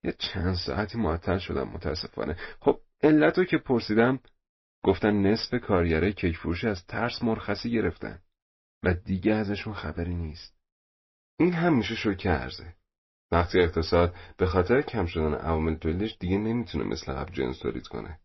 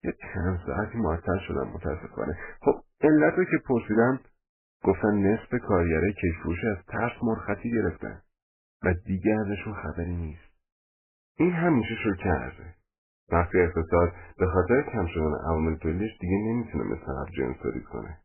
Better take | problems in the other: first | garbled, watery; badly; nothing above 2.5 kHz; slightly in the first

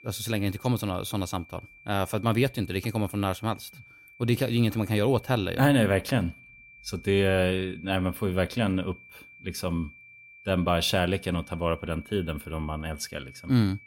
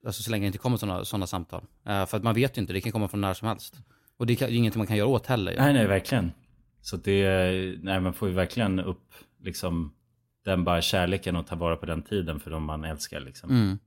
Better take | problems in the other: second | high-pitched whine; faint; throughout; 2.5 kHz, 20 dB below the speech

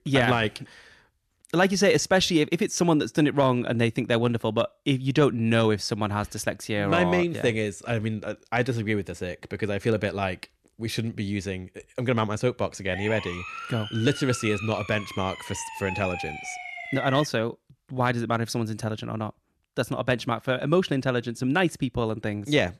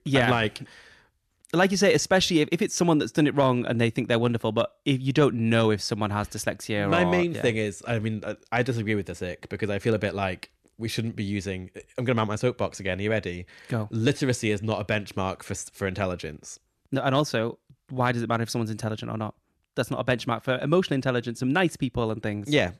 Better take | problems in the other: second | siren; noticeable; from 13 to 17 s; peak 7 dB below the speech

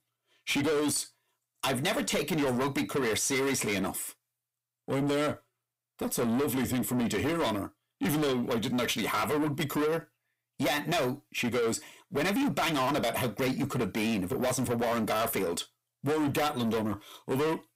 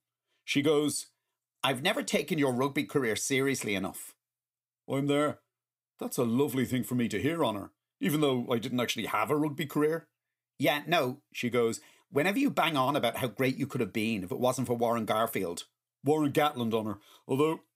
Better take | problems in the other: second | distortion; heavy; 6 dB below the speech

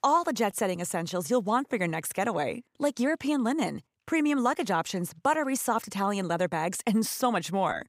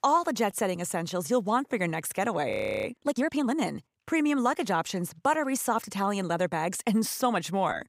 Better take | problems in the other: first | audio freezing; at 2.5 s

